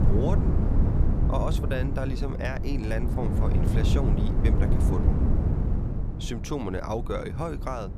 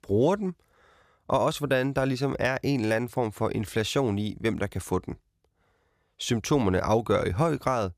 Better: second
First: wind noise on the microphone; heavy; 3 dB below the speech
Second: none

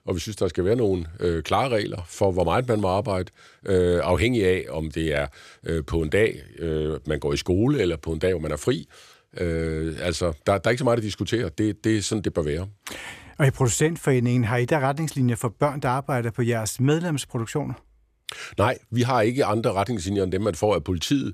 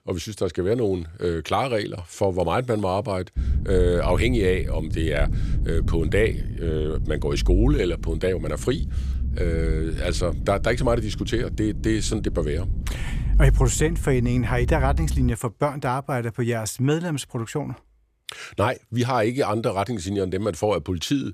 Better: first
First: none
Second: low rumble; noticeable; from 3.5 to 15 s; 15 dB below the speech

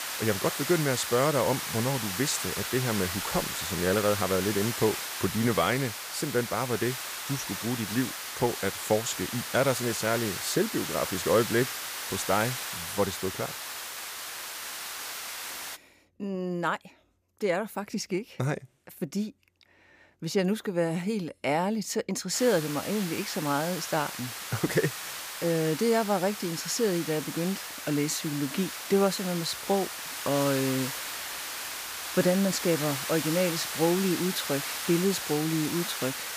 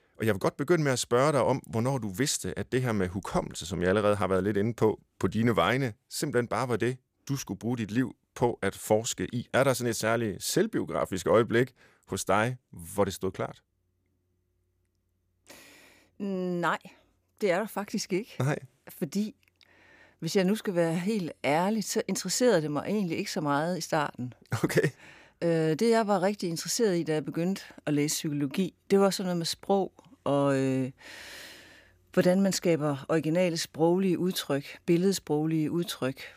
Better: second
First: hiss; loud; until 16 s and from 22 s on; 4 dB below the speech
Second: none

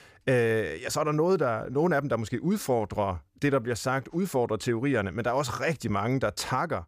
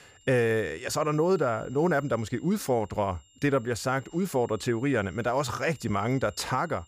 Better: first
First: none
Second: high-pitched whine; faint; throughout; 3 kHz, 30 dB below the speech

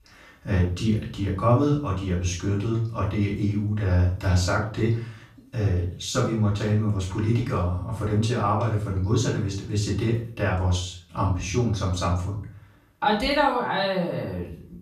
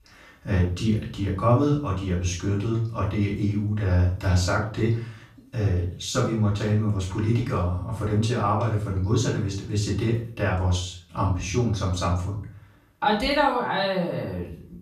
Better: neither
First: off-mic speech; far // room echo; noticeable; dies away in 0.4 s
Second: off-mic speech; far // room echo; noticeable; dies away in 0.4 s

